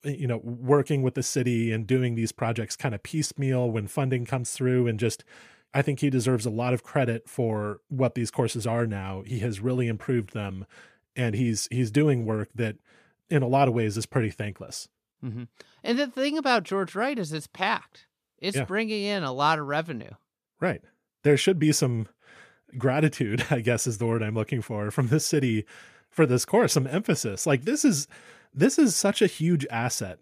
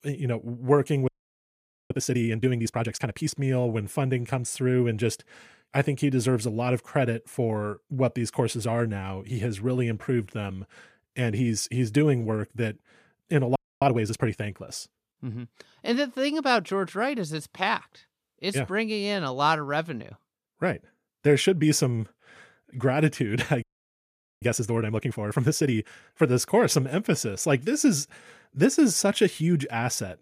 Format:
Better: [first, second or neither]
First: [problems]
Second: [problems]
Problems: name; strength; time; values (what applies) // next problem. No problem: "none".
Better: first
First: none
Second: audio freezing; at 1 s for 1 s, at 14 s and at 24 s for 1 s